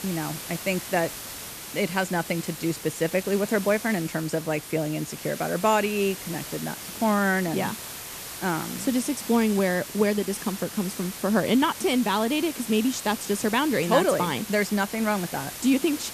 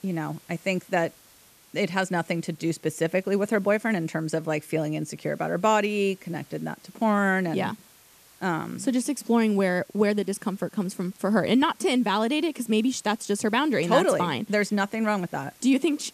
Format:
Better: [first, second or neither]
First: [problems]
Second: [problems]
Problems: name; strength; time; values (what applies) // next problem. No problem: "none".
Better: second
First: hiss; loud; throughout; 10 dB below the speech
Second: hiss; faint; throughout; 25 dB below the speech